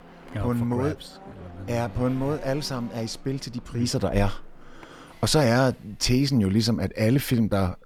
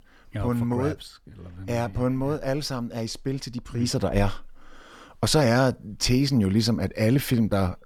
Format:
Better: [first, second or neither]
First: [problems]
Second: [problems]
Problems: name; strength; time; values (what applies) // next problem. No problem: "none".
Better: second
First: traffic noise; faint; throughout; 20 dB below the speech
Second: none